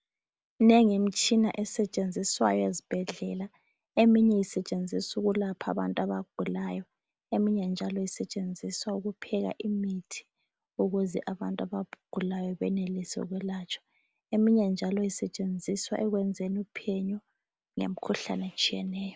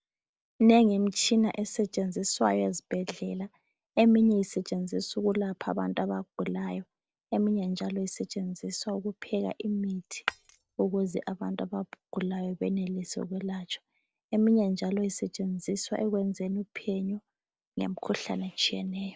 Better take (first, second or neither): first